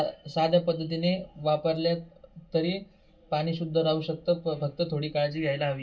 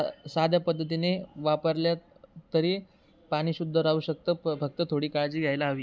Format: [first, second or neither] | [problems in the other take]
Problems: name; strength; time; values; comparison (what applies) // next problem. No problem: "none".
second | room echo; dies away in 0.2 s